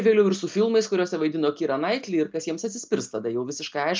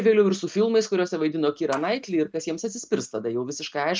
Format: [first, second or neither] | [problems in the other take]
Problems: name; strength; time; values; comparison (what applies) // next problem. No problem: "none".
first | noise reduction (neural mask model RNNoise)